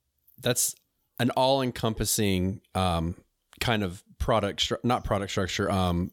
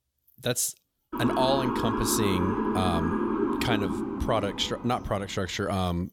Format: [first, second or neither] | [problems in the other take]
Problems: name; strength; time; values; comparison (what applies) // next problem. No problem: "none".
first | siren; loud; from 1 to 5 s; peak 2 dB above the speech